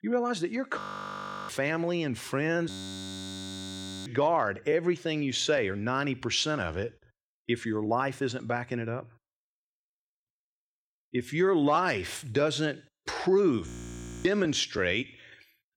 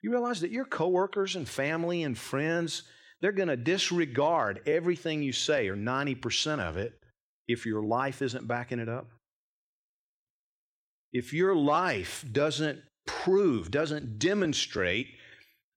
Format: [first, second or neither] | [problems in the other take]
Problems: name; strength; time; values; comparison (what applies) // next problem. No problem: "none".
second | audio freezing; at 1 s for 0.5 s, at 2.5 s for 1.5 s and at 14 s for 0.5 s